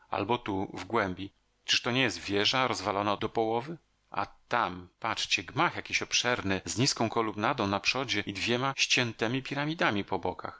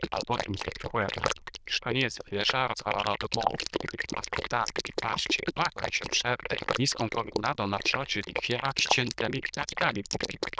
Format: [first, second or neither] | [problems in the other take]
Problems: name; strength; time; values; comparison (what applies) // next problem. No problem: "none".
first | noise reduction (neural diffusion model UNIVERSE++)